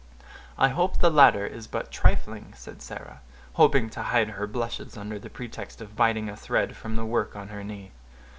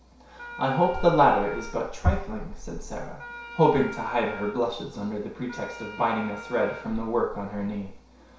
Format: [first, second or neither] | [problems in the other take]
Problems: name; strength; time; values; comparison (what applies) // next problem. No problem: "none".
first | background sound (Wind instrument, woodwind instrument); 15 dB below the speech // room echo; dies away in 0.6 s